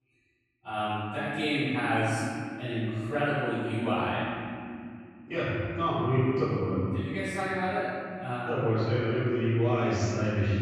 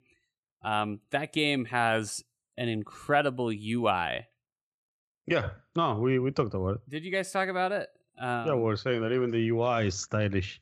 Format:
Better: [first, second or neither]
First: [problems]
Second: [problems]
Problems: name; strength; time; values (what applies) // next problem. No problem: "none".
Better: second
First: off-mic speech; far // room echo; strong; dies away in 2.7 s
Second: none